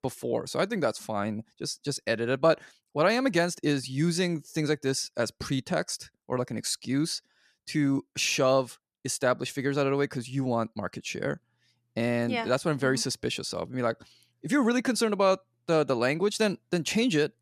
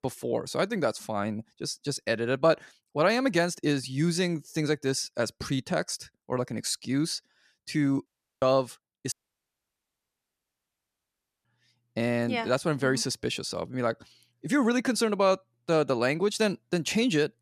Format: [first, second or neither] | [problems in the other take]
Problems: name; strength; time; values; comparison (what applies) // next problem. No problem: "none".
first | audio cutting out; at 8 s and at 9 s for 2.5 s